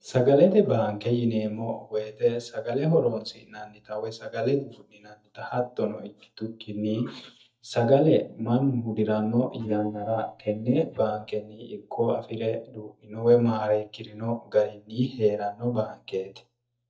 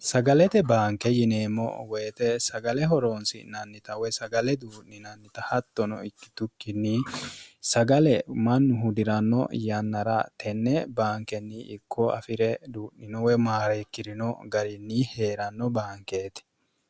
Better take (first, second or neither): second